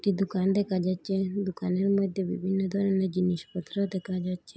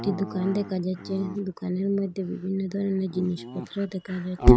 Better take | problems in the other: first | background sound (Dog); 1 dB above the speech

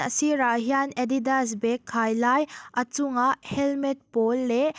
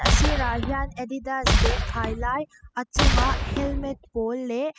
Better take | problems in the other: first | noise reduction (classical method spectral subtraction)

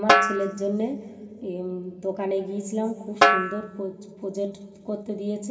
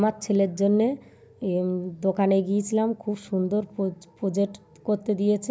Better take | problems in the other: second | background sound (Snare drum); 4 dB above the speech // room echo; dies away in 2.3 s

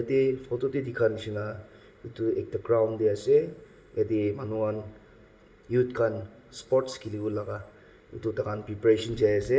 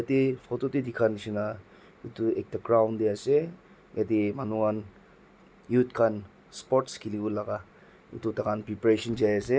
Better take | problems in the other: second | room echo; dies away in 1.8 s

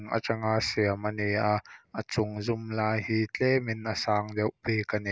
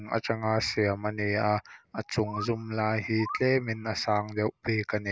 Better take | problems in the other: first | background sound (Bird); 15 dB below the speech

